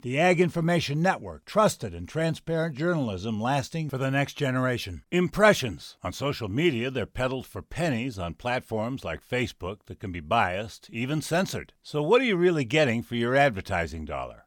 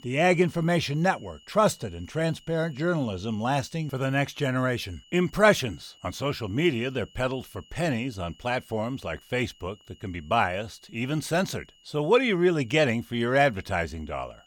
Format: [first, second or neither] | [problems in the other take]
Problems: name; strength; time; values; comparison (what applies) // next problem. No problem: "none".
first | high-pitched whine; faint; throughout; 3 kHz, 30 dB below the speech